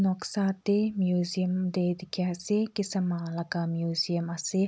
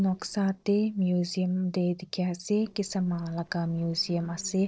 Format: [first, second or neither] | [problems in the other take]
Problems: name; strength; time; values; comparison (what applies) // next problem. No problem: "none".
first | noise reduction (neural separator model SepFormer DNS4)